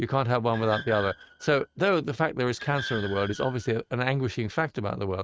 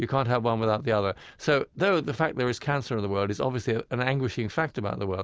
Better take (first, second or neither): second